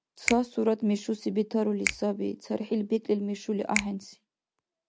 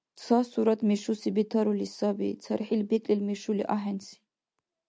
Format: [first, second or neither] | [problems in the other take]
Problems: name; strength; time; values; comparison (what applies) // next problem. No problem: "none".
second | background sound (Finger snapping); 8 dB below the speech